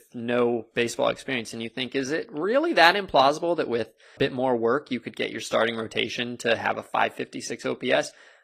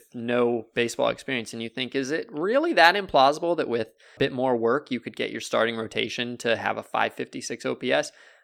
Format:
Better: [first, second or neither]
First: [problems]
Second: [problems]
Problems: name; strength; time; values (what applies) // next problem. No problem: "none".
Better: second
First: garbled, watery; slightly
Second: none